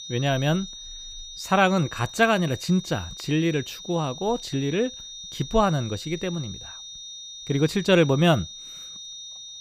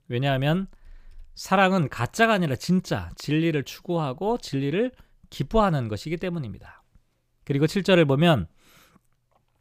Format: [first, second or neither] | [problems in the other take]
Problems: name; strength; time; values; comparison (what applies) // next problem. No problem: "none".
second | high-pitched whine; noticeable; throughout; 3.5 kHz, 15 dB below the speech